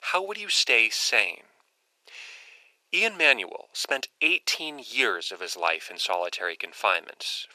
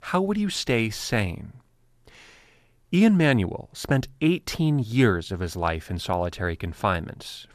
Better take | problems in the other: second | thin; very; fading below 450 Hz

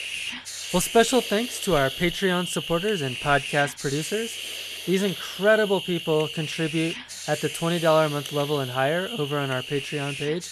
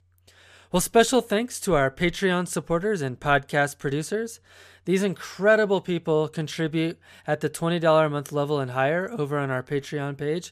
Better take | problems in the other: second | hiss; loud; throughout; 7 dB below the speech

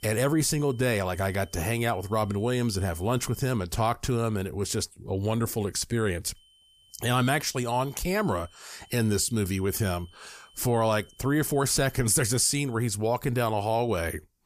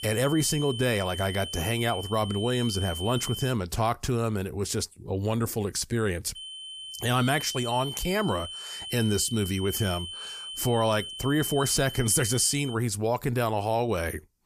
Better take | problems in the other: first | high-pitched whine; loud; until 3.5 s and from 6.5 to 13 s; 3 kHz, 9 dB below the speech; faint in the first

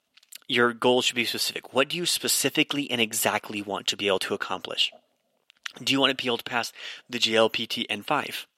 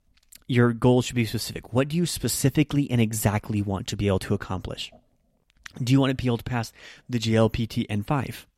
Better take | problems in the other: second | thin; somewhat; fading below 450 Hz

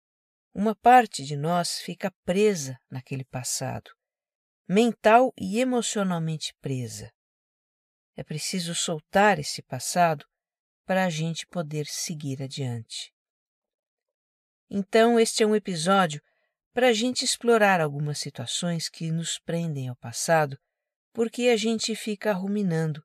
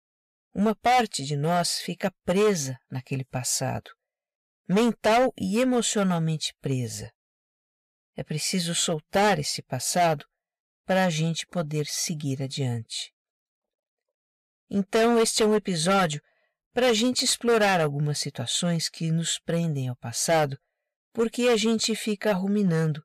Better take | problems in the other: first | distortion; heavy; 6% of the sound clipped

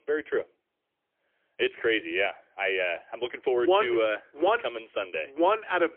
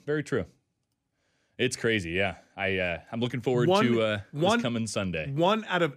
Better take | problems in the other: second | phone-call audio; poor line; nothing above 3.5 kHz

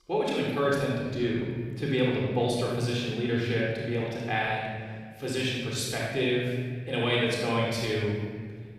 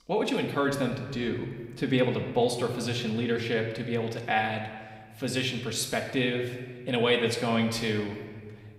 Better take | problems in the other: second | room echo; strong; dies away in 1.8 s; slight in the second // off-mic speech; far; somewhat distant in the second

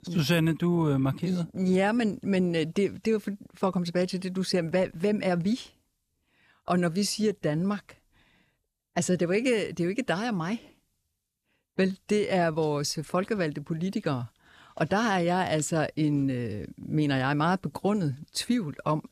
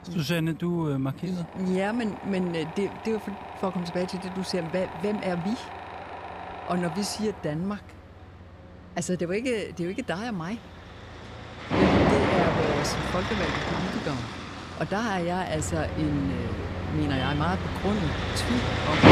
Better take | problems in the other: first | machinery noise; loud; throughout; as loud as the speech

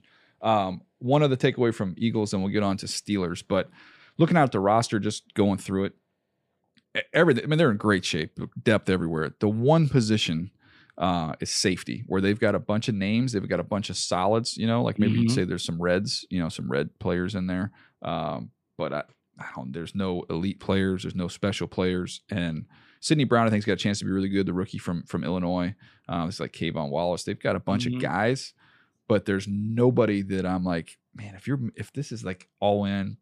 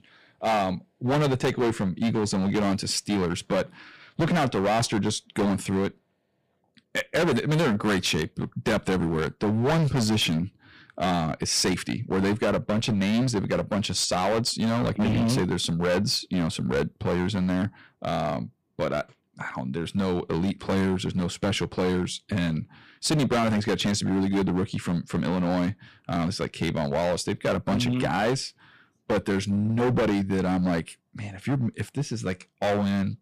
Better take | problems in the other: first | distortion; heavy; 15% of the sound clipped

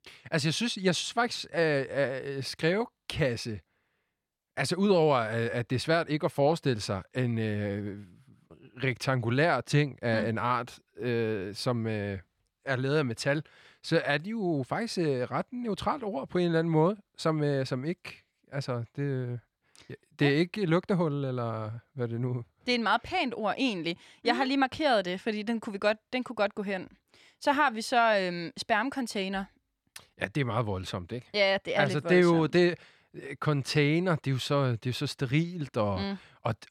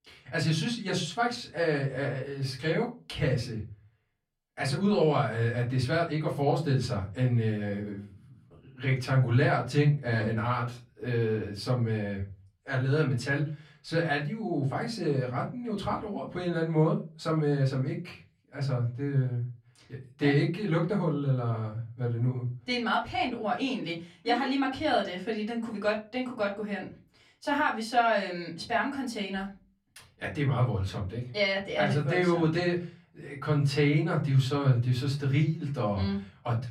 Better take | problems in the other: first | off-mic speech; far // room echo; very slight; dies away in 0.4 s

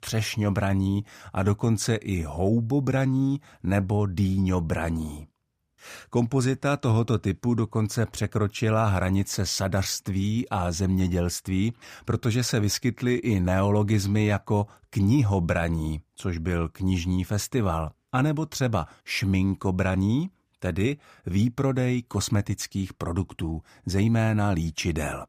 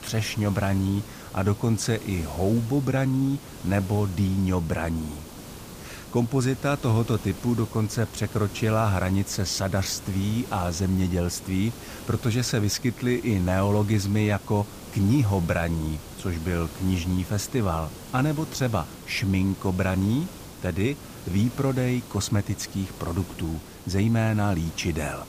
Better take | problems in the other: first | hiss; noticeable; throughout; 15 dB below the speech

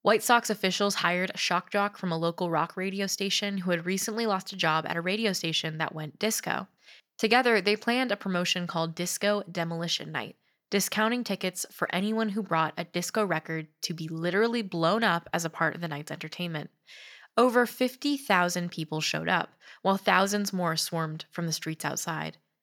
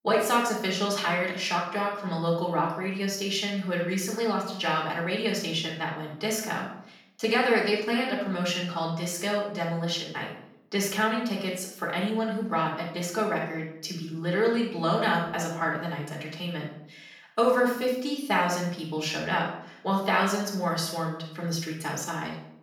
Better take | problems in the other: first | off-mic speech; far // room echo; noticeable; dies away in 0.6 s

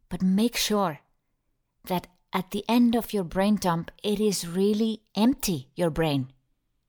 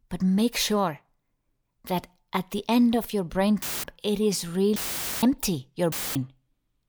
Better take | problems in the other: first | audio cutting out; filled with static; at 3.5 s, at 5 s and at 6 s

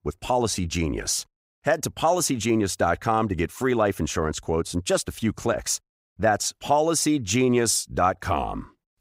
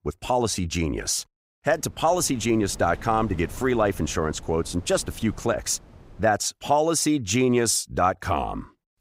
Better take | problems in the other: first | wind noise on the microphone; occasional gusts; from 1.5 to 6.5 s; 25 dB below the speech

